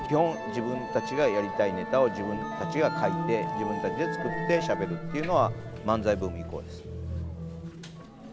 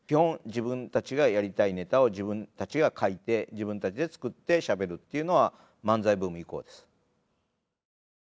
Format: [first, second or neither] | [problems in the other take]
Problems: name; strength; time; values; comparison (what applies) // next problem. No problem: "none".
second | background sound (Musical instrument); 4 dB below the speech